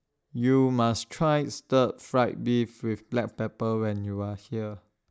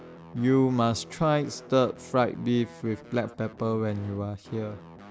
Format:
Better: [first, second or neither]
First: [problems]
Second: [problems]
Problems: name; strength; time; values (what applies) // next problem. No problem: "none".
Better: first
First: none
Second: background sound (Guitar); 19 dB below the speech